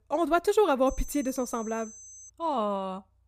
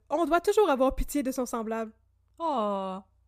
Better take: second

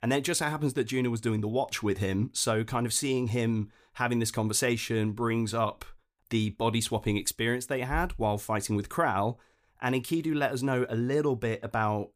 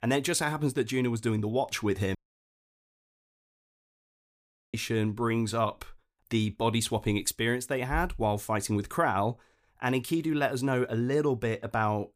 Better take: first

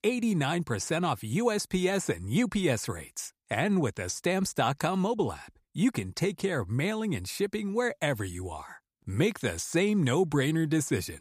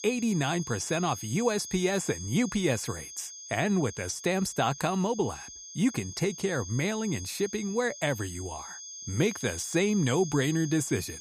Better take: first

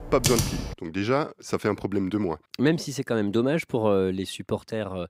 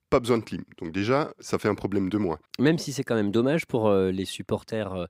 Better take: second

